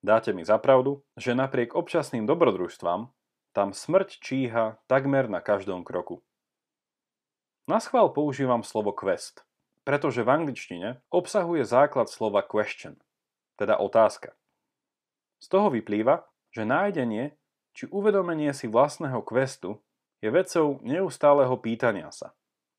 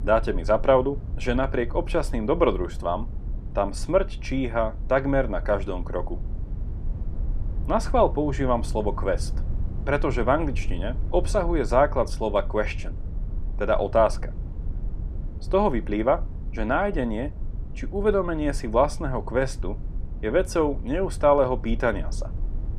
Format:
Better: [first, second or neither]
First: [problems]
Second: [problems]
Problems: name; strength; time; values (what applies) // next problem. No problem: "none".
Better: first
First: none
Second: low rumble; faint; throughout; 25 dB below the speech